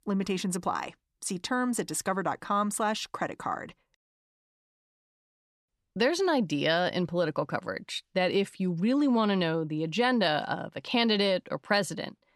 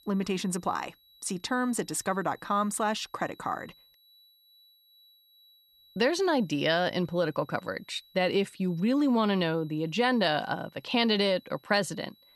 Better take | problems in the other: first | high-pitched whine; faint; throughout; 4 kHz, 30 dB below the speech

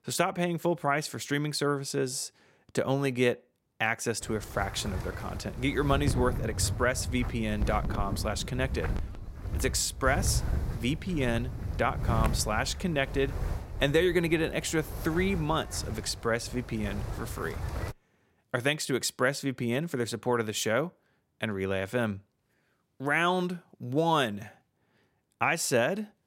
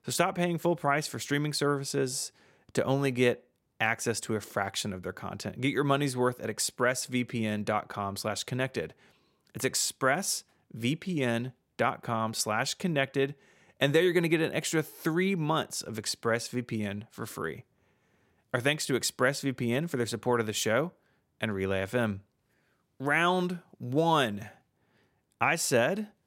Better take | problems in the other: second | wind noise on the microphone; occasional gusts; from 4 to 18 s; 15 dB below the speech

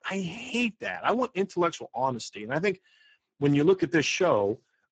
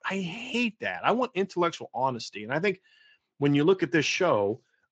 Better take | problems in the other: second | garbled, watery; badly; slightly in the second

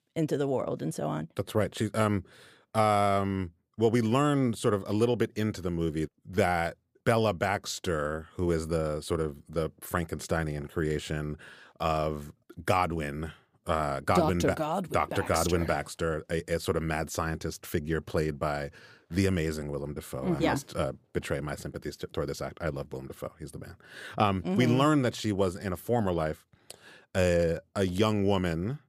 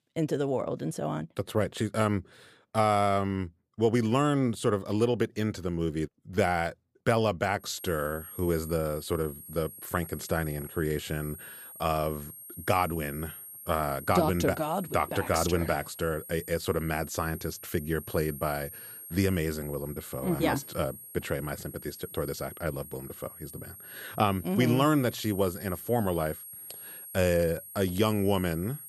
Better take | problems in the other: first | high-pitched whine; noticeable; from 7.5 s on; 11.5 kHz, 15 dB below the speech

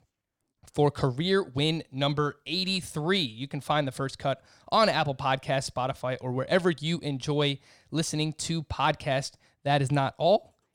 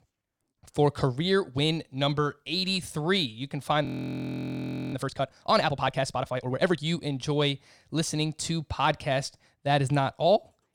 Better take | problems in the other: first | audio freezing; at 4 s for 1 s

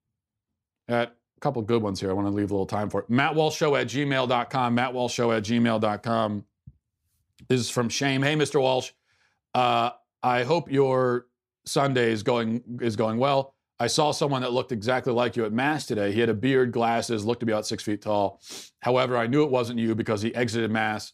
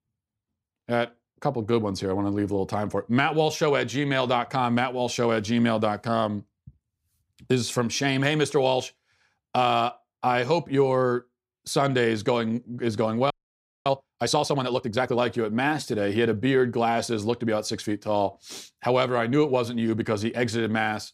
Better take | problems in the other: first | audio freezing; at 13 s for 0.5 s

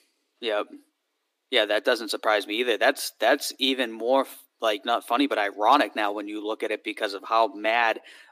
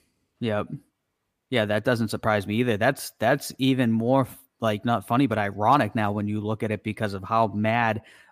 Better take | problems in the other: second | thin; somewhat; fading below 300 Hz

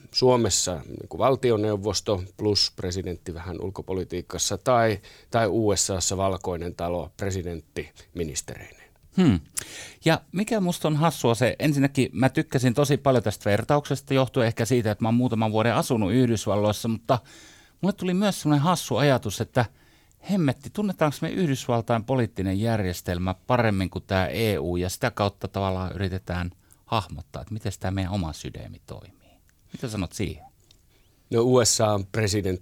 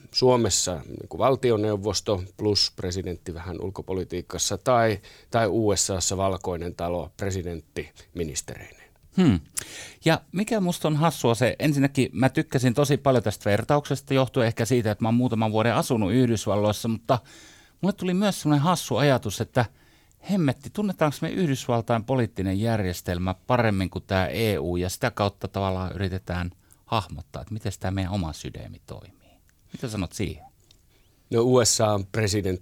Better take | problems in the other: neither | none

